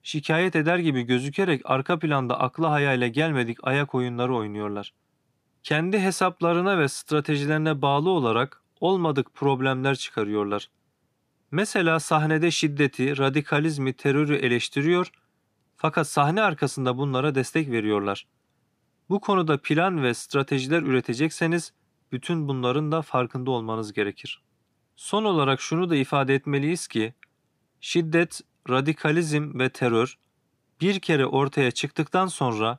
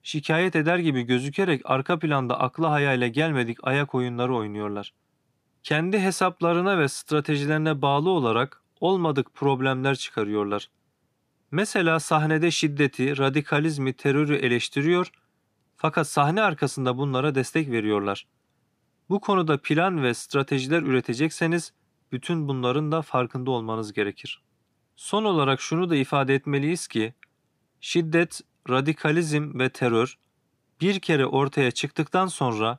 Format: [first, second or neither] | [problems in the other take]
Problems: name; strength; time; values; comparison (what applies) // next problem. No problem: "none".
neither | none